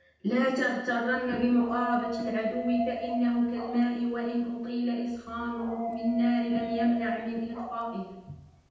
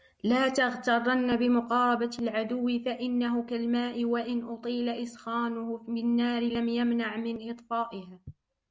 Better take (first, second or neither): second